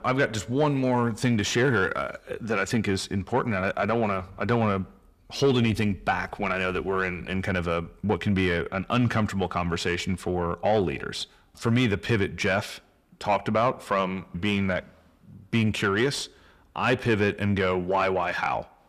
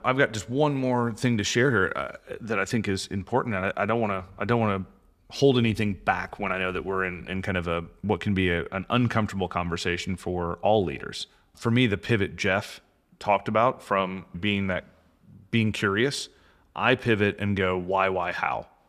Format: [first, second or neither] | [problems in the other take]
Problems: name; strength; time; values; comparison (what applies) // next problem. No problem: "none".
second | distortion; slight; 10 dB below the speech